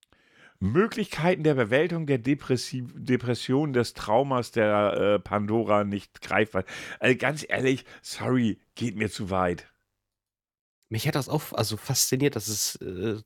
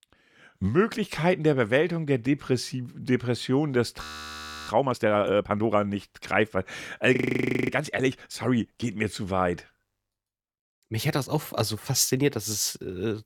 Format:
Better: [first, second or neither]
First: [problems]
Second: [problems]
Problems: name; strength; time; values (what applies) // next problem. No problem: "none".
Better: first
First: none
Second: audio freezing; at 4 s for 0.5 s and at 7 s for 0.5 s